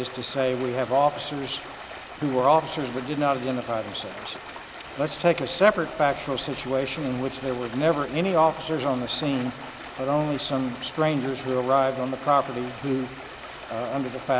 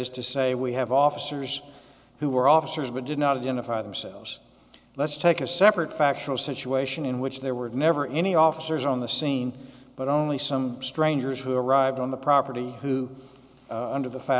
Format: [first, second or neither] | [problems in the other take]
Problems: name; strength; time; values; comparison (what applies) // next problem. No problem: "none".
second | background sound (Stream); 14 dB below the speech